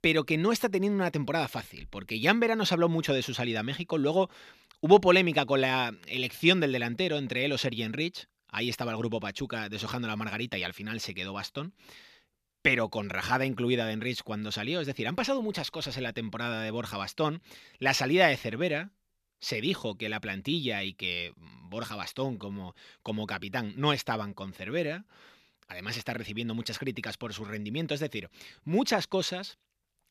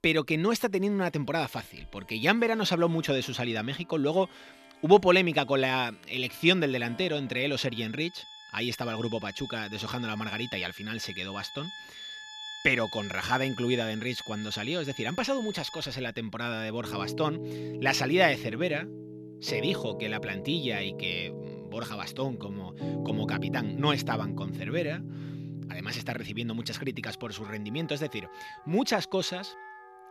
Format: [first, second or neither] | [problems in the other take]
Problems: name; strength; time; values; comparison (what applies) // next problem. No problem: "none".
first | background music; noticeable; throughout; 10 dB below the speech